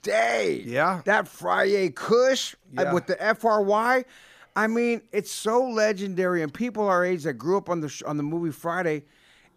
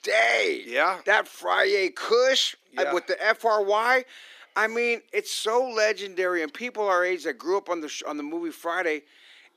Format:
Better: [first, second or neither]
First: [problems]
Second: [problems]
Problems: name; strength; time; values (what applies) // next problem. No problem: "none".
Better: first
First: none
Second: thin; somewhat; fading below 300 Hz